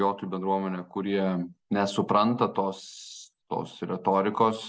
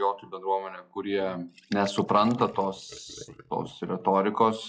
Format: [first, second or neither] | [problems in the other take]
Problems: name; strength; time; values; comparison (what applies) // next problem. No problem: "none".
first | noise reduction (classical method log-MMSE)